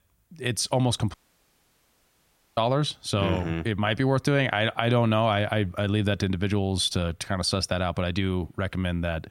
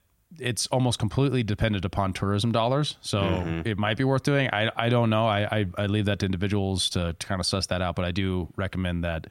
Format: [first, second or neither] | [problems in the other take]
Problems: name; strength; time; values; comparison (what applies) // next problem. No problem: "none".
second | audio cutting out; at 1 s for 1.5 s